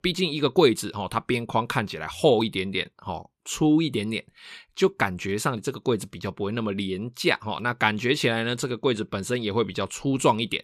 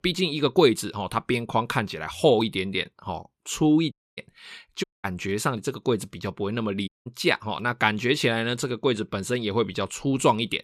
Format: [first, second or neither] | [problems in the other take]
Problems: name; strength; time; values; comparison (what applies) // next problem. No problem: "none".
first | audio cutting out; at 4 s, at 5 s and at 7 s